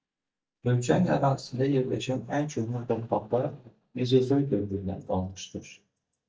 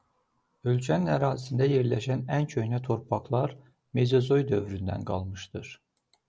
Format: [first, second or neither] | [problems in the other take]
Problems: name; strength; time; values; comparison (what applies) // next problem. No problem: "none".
second | noise reduction (neural mask model DeepFilterNet 3)